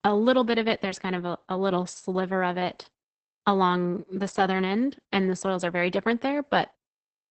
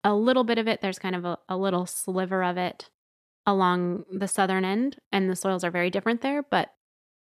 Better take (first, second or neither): second